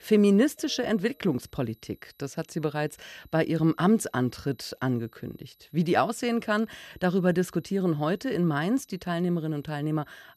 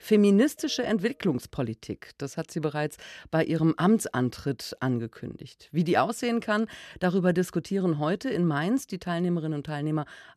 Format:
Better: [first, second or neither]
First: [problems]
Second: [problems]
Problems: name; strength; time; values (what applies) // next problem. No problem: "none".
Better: second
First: high-pitched whine; faint; throughout; 12 kHz, 35 dB below the speech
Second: none